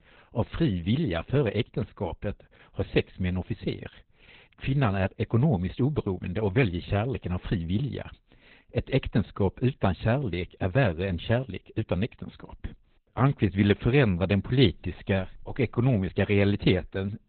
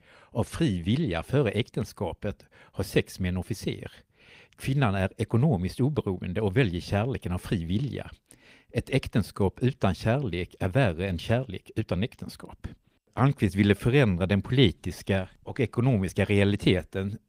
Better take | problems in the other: second | garbled, watery; badly; nothing above 4 kHz; slightly in the second

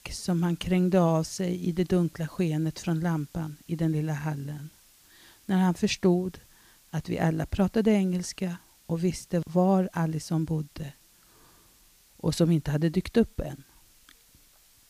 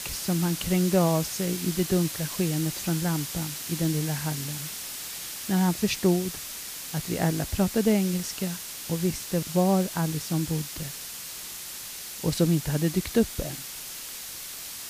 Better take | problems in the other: first | hiss; loud; throughout; 7 dB below the speech; faint in the first

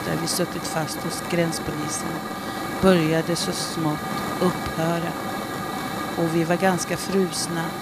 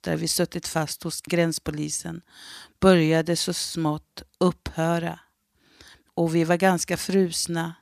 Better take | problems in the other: second | hiss; loud; throughout; 5 dB below the speech

